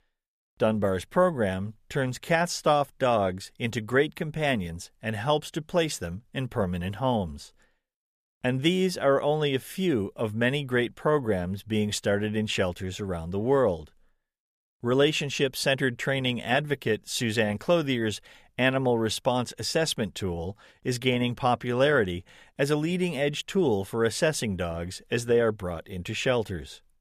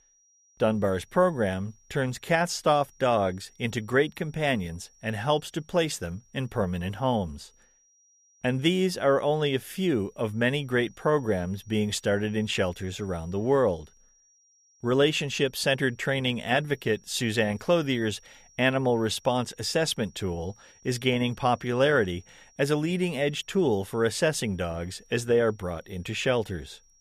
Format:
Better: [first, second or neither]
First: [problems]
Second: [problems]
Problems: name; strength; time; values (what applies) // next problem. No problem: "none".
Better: first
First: none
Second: high-pitched whine; faint; throughout; 5.5 kHz, 30 dB below the speech